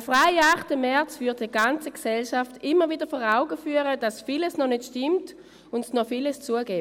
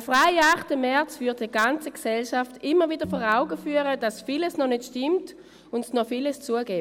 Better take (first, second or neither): first